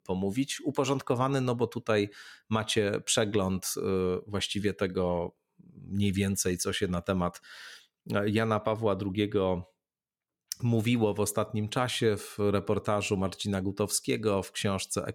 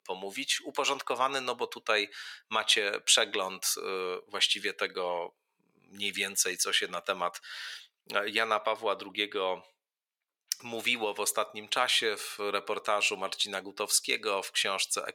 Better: first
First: none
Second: thin; very; fading below 700 Hz

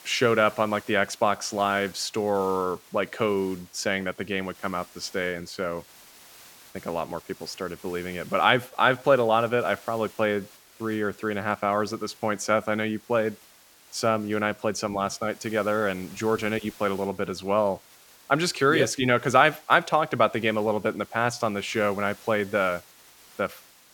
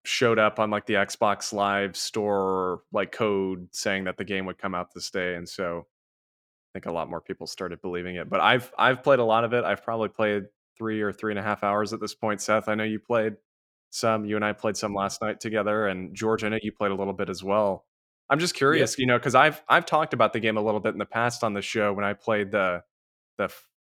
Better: second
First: hiss; faint; throughout; 25 dB below the speech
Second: none

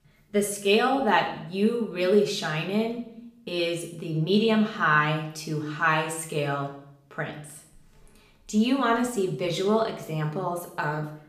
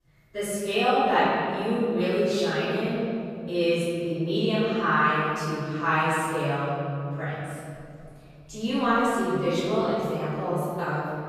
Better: first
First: room echo; slight; dies away in 0.6 s // off-mic speech; somewhat distant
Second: room echo; strong; dies away in 3 s // off-mic speech; far

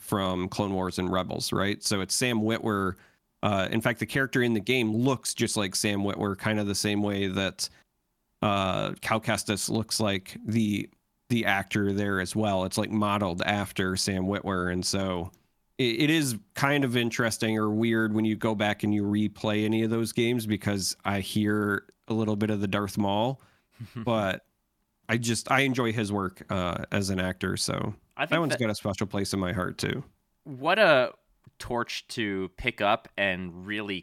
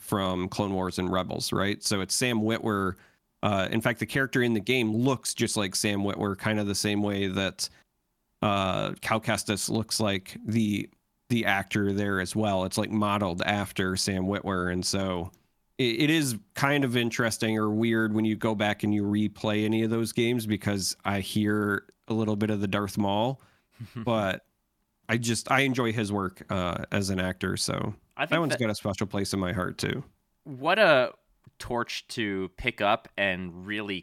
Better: neither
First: none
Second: none

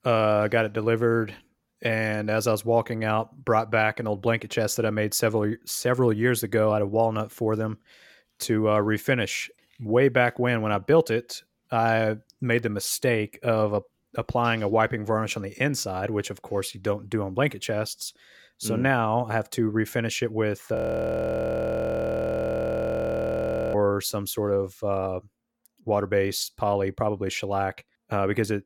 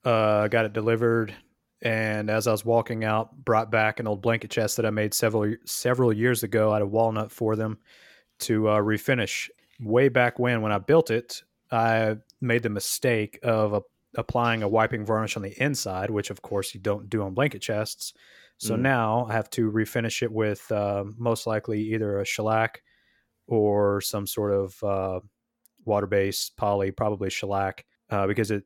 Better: second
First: audio freezing; at 21 s for 3 s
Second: none

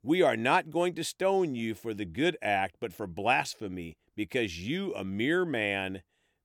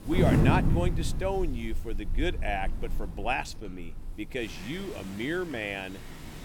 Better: first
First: none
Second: wind in the background; very loud; throughout; 3 dB above the speech

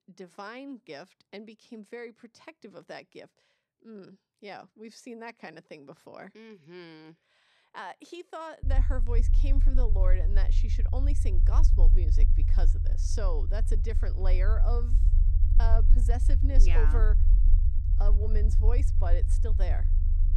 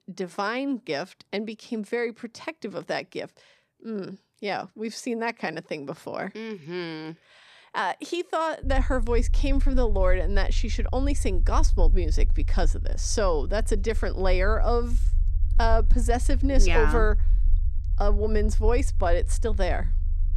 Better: second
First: low rumble; loud; from 8.5 s on; 7 dB below the speech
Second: low rumble; faint; from 8.5 s on; 20 dB below the speech

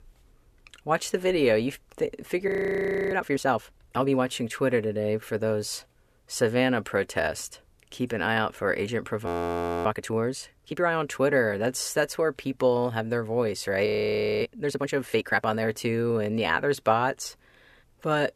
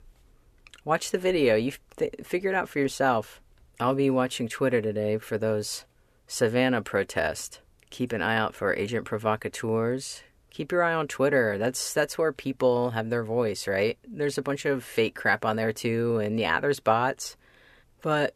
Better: second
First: audio freezing; at 2.5 s for 0.5 s, at 9.5 s for 0.5 s and at 14 s for 0.5 s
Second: none

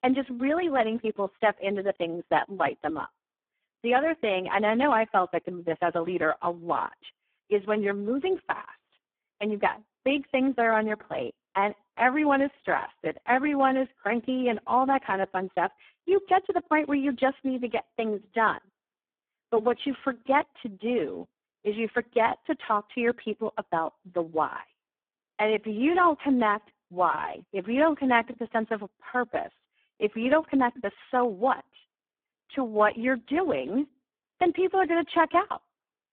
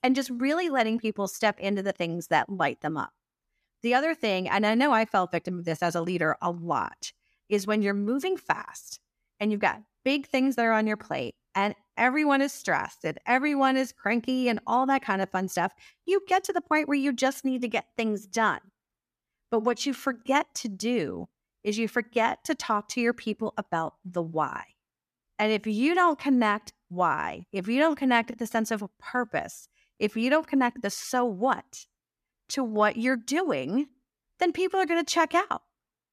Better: second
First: phone-call audio; poor line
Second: none

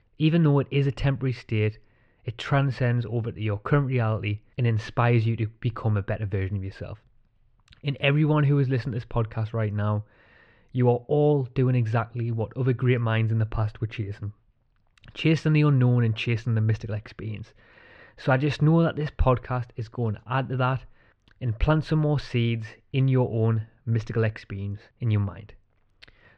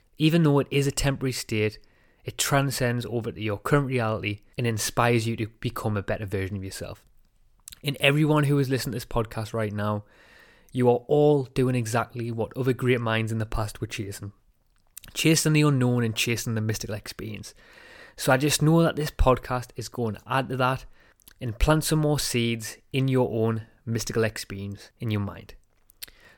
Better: second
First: muffled; slightly; fading above 3 kHz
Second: none

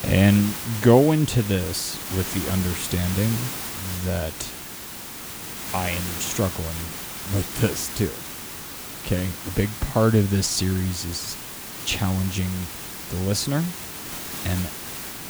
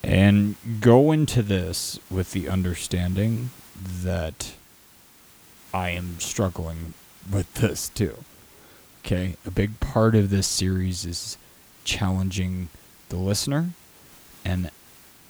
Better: second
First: hiss; loud; throughout; 7 dB below the speech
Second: hiss; faint; throughout; 25 dB below the speech

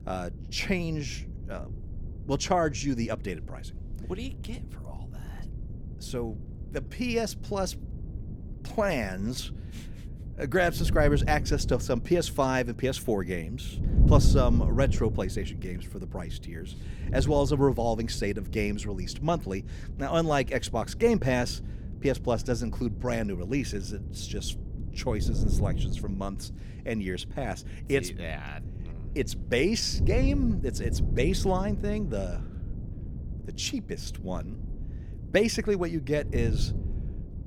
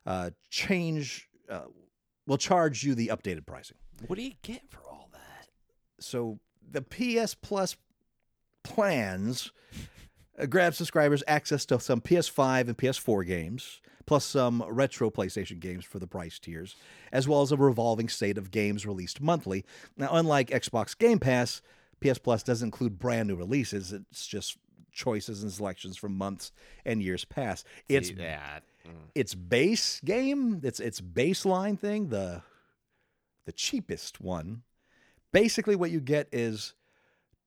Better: second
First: wind noise on the microphone; occasional gusts; 15 dB below the speech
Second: none

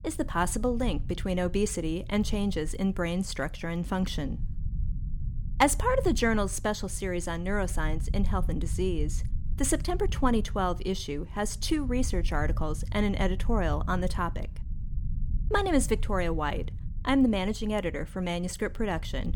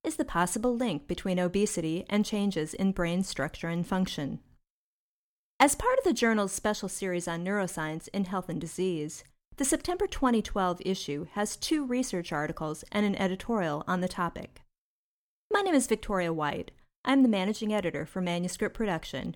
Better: second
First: low rumble; faint; throughout; 20 dB below the speech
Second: none

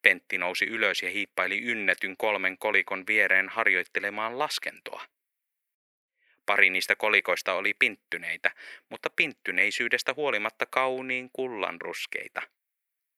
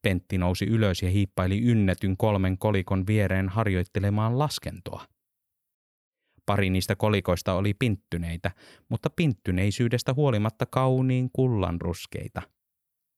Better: second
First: thin; very; fading below 400 Hz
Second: none

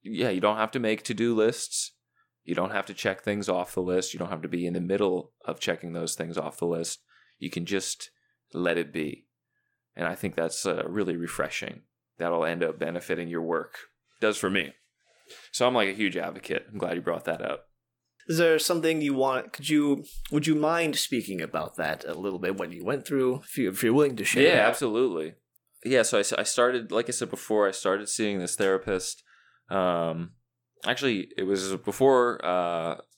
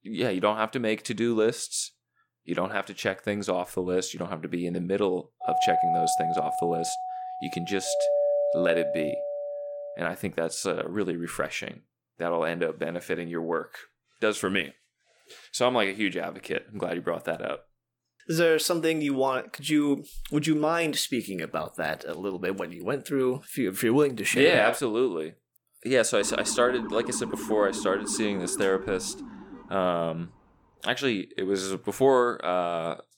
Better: first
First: none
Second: doorbell; loud; from 5.5 to 10 s; peak 4 dB above the speech // siren; noticeable; from 26 to 30 s; peak 8 dB below the speech

